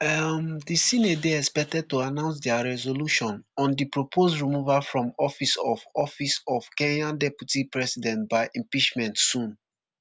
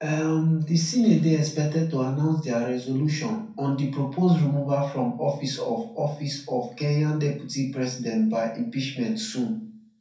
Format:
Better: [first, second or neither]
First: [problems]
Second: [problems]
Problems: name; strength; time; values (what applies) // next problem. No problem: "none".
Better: first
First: none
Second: room echo; dies away in 0.5 s